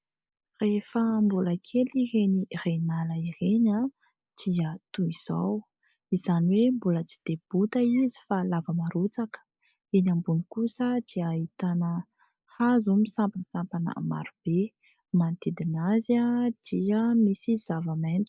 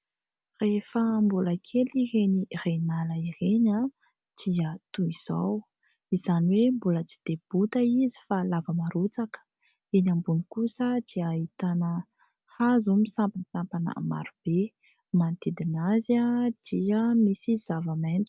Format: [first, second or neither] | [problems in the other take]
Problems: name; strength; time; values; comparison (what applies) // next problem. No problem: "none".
second | noise reduction (neural mask model Resemble Enhance denoiser)